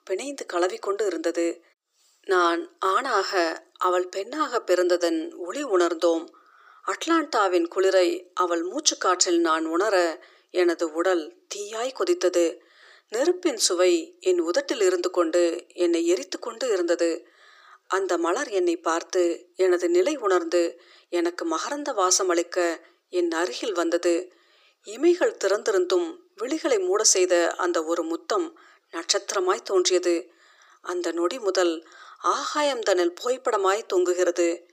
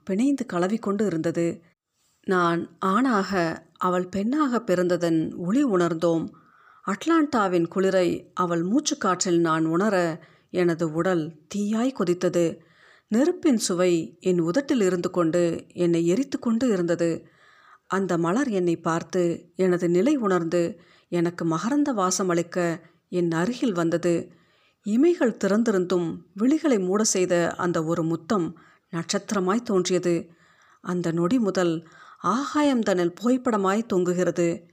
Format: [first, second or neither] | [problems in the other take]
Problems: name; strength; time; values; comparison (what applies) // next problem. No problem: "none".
second | thin; very; fading below 350 Hz